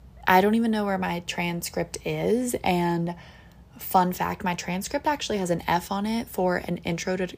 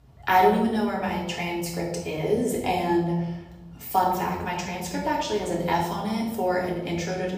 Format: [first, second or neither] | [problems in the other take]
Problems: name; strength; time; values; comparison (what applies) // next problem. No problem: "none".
first | off-mic speech; far // room echo; noticeable; dies away in 0.9 s